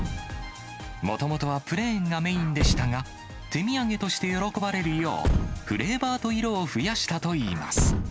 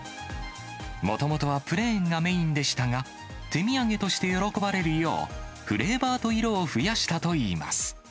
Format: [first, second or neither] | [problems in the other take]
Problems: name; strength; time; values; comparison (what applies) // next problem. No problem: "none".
second | background sound (Truck); 4 dB below the speech